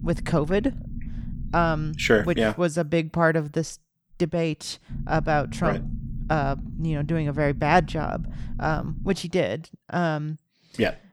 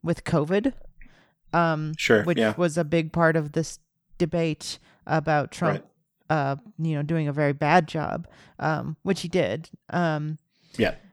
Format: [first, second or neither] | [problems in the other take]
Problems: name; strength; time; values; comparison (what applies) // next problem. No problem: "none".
second | low rumble; faint; until 2.5 s and from 5 to 9 s; 20 dB below the speech